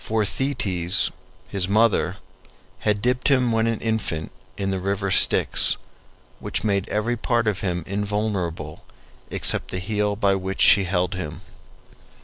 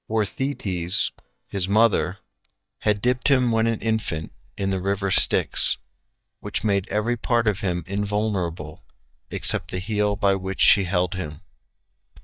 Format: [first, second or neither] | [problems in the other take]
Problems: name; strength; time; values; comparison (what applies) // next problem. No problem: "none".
first | noise reduction (neural mask model DeepFilterNet 3)